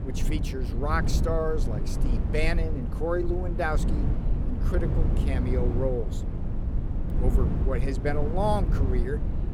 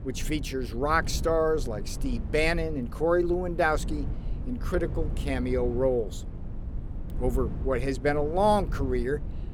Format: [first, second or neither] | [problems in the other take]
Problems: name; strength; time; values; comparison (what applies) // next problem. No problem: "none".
second | wind noise on the microphone; heavy; 8 dB below the speech; occasional gusts in the second